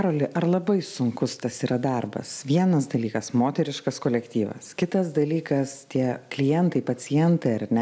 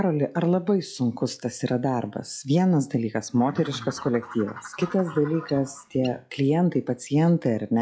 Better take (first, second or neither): first